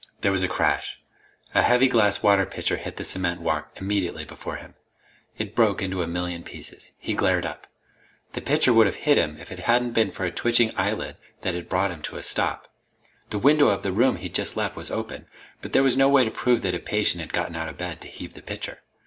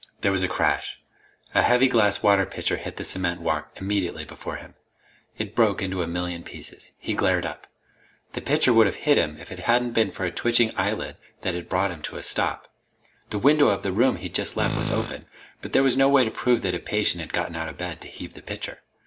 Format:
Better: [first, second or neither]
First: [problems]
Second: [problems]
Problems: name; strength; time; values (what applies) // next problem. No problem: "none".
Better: first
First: none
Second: background sound (Tools); 6 dB below the speech